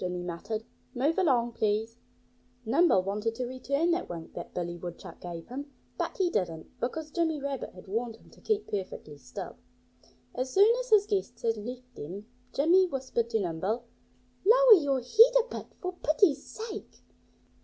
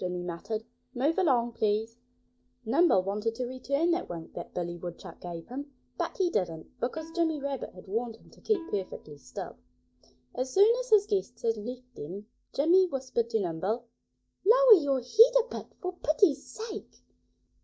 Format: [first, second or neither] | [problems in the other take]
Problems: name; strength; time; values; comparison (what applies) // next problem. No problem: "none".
first | noise reduction (neural mask model DeepFilterNet 3)